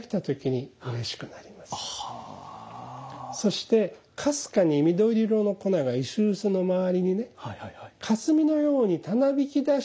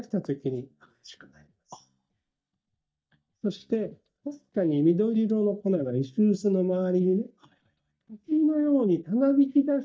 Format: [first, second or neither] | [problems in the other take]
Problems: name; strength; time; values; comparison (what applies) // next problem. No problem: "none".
first | noise reduction (neural mask model DeepFilterNet 3)